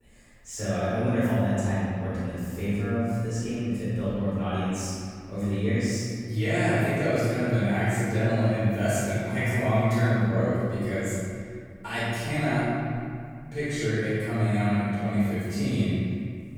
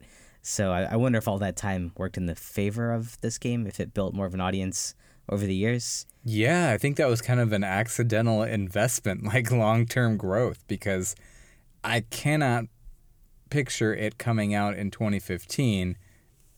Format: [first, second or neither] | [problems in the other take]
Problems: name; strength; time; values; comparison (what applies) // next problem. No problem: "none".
second | off-mic speech; far // room echo; strong; dies away in 2.2 s